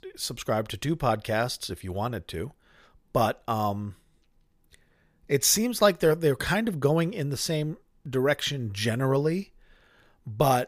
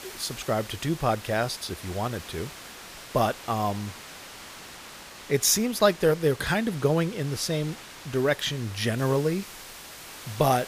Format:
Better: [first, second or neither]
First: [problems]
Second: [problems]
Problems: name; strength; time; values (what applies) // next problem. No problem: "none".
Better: first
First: none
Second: hiss; noticeable; throughout; 15 dB below the speech